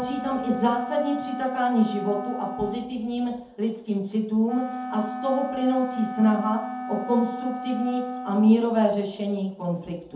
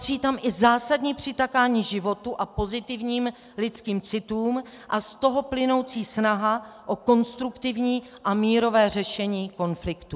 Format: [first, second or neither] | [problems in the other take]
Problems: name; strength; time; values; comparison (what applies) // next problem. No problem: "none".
second | background sound (Wind instrument, woodwind instrument); 9 dB below the speech // room echo; dies away in 0.6 s